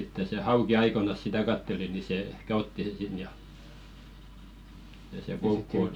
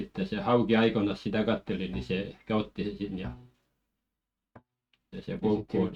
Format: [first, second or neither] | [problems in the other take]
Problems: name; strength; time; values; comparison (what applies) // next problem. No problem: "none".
first | noise reduction (neural mask model RNNoise)